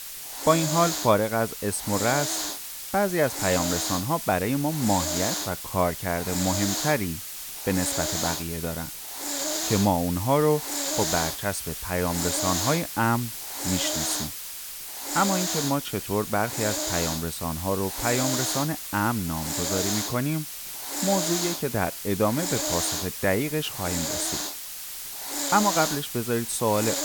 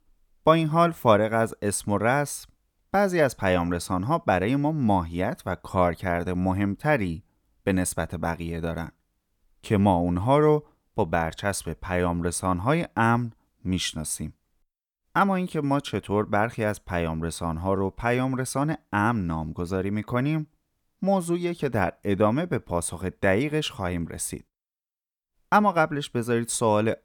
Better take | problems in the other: second | hiss; loud; throughout; 2 dB below the speech

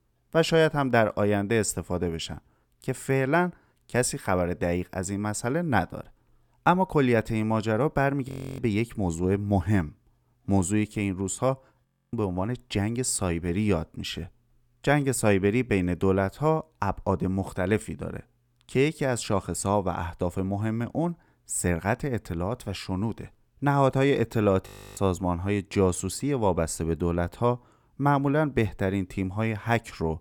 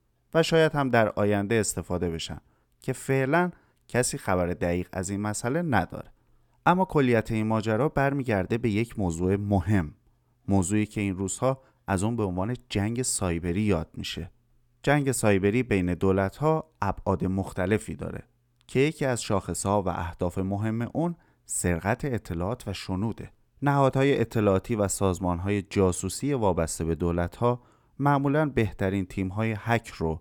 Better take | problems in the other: second | audio freezing; at 8.5 s, at 12 s and at 25 s

